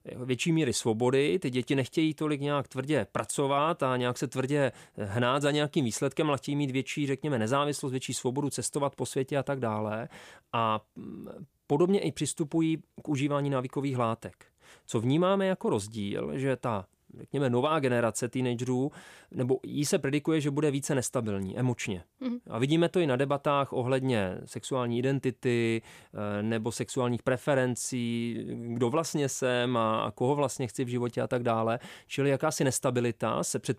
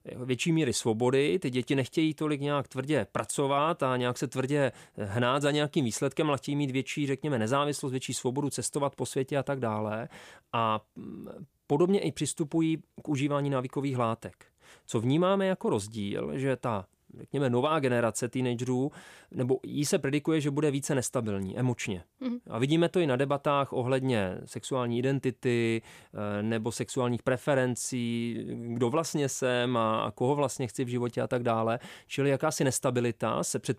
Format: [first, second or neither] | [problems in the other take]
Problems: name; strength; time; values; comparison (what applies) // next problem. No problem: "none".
neither | none